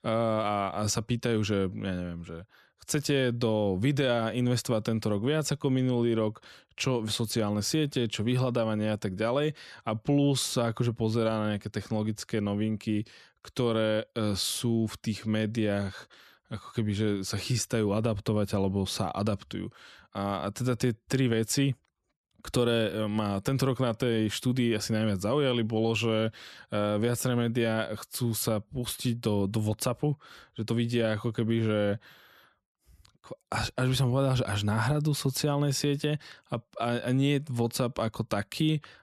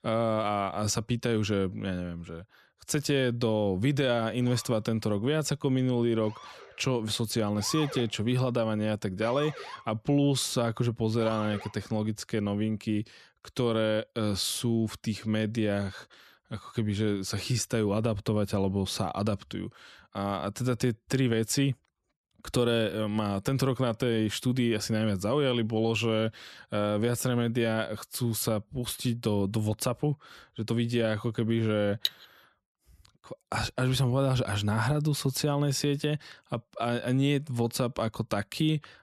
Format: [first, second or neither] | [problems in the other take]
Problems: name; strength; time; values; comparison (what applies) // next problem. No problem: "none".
first | siren; noticeable; from 4.5 to 12 s; peak 9 dB below the speech // clattering dishes; very faint; at 32 s; peak 3 dB below the speech